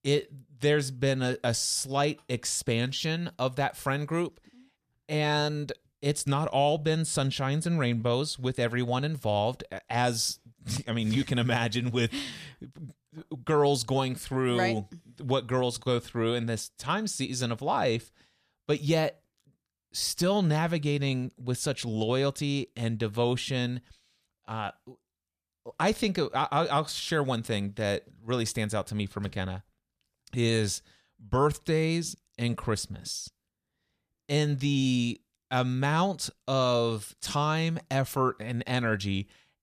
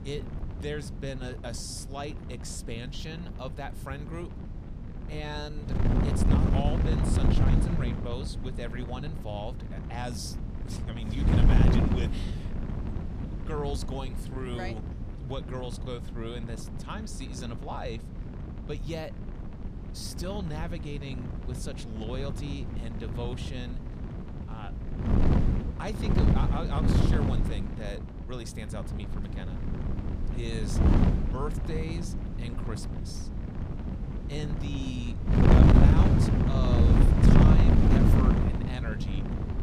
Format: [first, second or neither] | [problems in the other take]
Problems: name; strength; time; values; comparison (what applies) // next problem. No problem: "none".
first | wind noise on the microphone; heavy; 3 dB above the speech